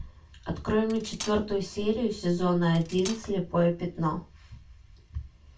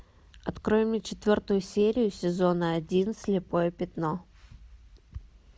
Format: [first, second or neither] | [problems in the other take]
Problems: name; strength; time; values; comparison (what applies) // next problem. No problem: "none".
second | background sound (Cutlery, silverware); 16 dB below the speech // room echo; dies away in 0.2 s